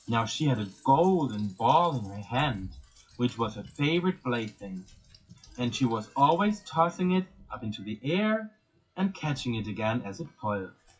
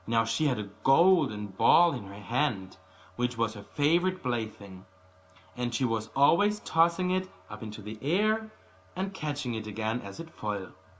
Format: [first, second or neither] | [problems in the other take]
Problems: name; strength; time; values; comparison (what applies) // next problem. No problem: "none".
second | noise reduction (classical method WPE with log-MMSE)